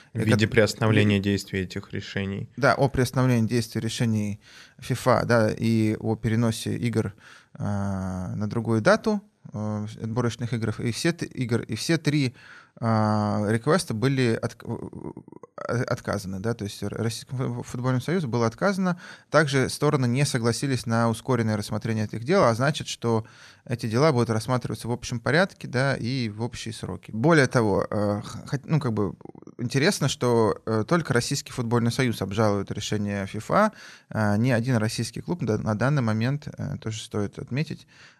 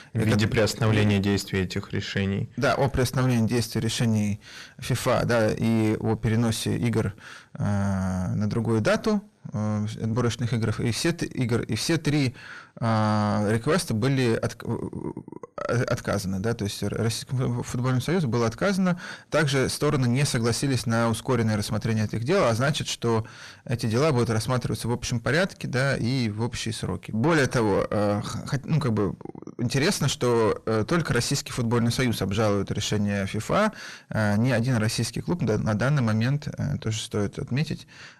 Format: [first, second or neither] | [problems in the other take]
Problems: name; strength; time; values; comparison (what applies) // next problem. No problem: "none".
first | distortion; heavy; 6 dB below the speech